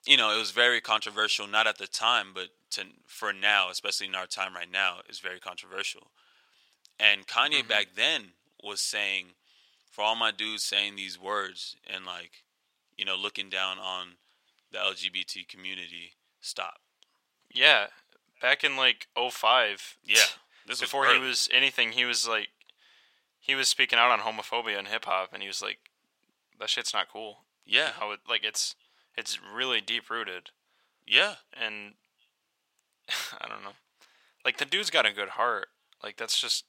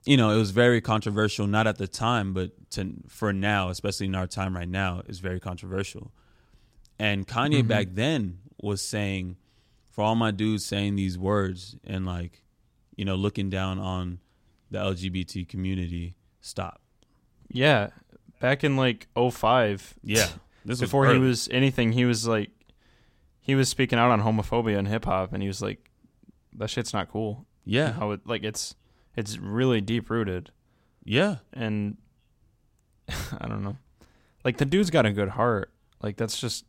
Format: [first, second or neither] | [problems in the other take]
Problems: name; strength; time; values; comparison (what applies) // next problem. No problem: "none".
second | thin; very; fading below 800 Hz